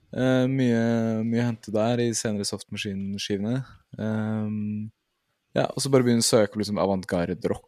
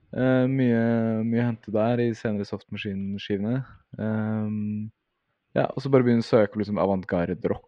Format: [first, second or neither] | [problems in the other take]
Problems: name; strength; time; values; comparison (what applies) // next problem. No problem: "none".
first | muffled; very; fading above 3 kHz